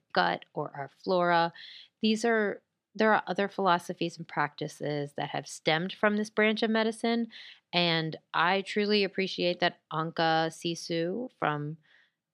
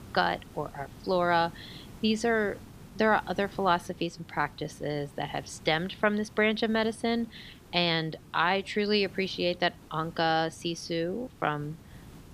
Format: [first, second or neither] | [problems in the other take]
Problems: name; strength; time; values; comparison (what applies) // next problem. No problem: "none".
first | hiss; faint; throughout; 20 dB below the speech